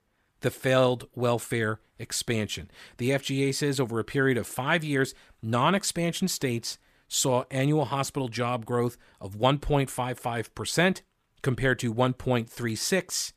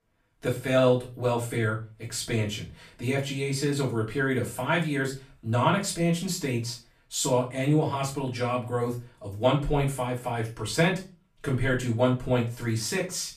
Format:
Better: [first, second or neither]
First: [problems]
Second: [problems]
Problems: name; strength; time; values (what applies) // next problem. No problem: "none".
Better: first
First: none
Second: off-mic speech; far // room echo; slight; dies away in 0.3 s